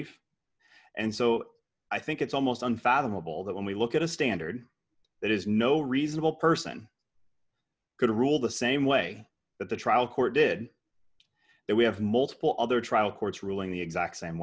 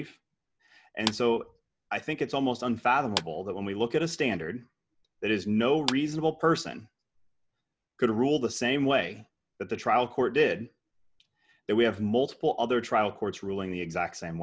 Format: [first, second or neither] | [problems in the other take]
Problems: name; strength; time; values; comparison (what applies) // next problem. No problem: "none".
first | background sound (Clapping); 11 dB below the speech